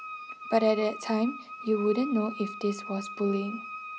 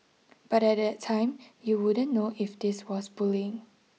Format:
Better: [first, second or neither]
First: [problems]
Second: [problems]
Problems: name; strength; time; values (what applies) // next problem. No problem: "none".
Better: second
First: background sound (Wind instrument, woodwind instrument); 11 dB below the speech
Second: none